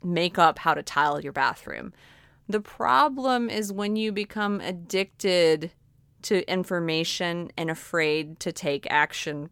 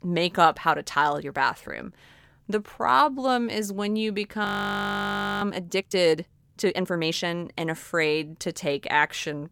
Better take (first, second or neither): first